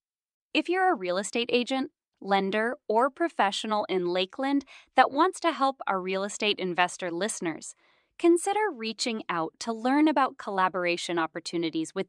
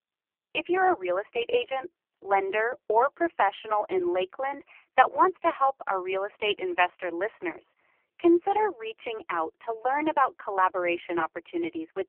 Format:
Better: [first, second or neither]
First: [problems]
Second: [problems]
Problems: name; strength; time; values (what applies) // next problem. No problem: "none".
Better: first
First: none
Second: phone-call audio; poor line; nothing above 3 kHz